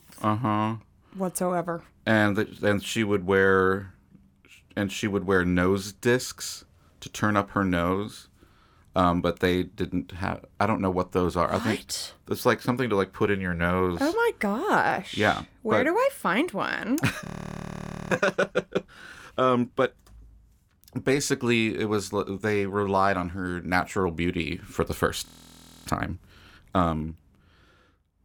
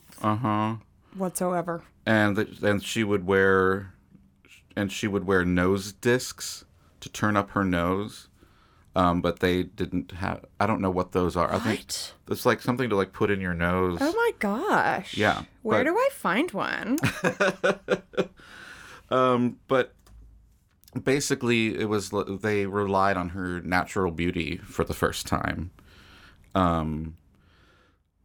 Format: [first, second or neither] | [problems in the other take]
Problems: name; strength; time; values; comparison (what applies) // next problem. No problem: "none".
second | audio freezing; at 17 s for 1 s and at 25 s for 0.5 s